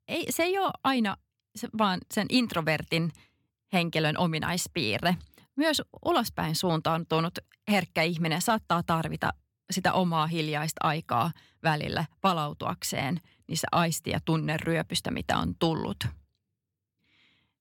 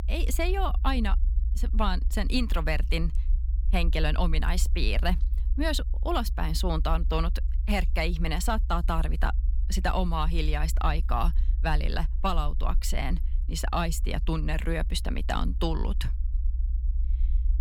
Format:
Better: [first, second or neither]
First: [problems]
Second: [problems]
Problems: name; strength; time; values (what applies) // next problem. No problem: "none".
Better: first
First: none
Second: low rumble; faint; throughout; 20 dB below the speech